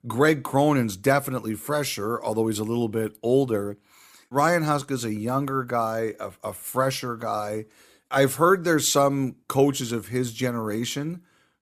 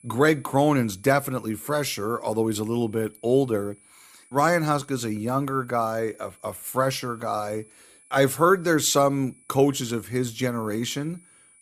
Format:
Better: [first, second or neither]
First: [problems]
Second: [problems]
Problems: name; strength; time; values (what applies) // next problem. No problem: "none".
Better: first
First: none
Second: high-pitched whine; faint; throughout; 10 kHz, 30 dB below the speech